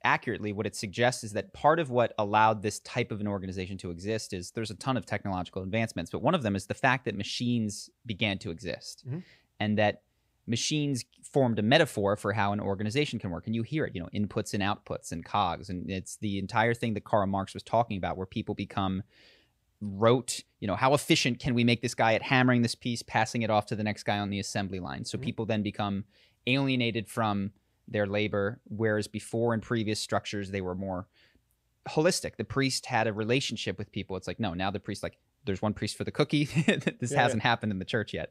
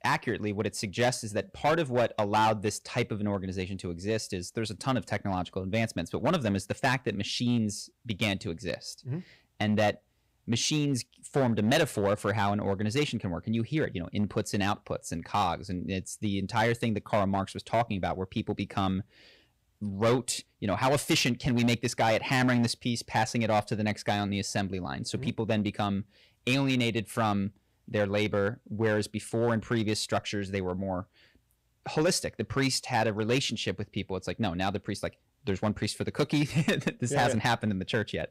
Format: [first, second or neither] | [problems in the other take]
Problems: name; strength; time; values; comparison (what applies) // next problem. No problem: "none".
first | distortion; slight; 4% of the sound clipped